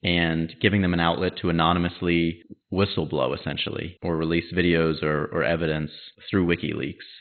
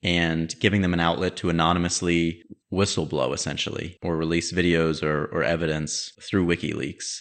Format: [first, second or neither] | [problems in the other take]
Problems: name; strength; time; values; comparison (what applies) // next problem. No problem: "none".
second | garbled, watery; badly; nothing above 4 kHz; slightly in the second